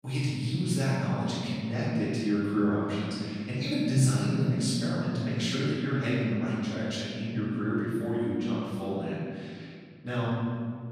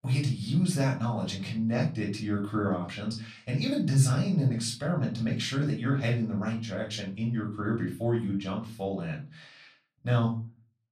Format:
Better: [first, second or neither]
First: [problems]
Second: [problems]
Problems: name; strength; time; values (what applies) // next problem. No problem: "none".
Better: second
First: room echo; strong; dies away in 2.1 s // off-mic speech; far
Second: room echo; slight; dies away in 0.4 s // off-mic speech; far